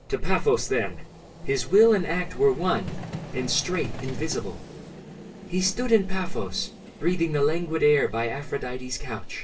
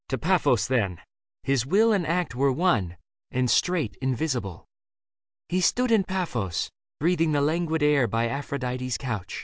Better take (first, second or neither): second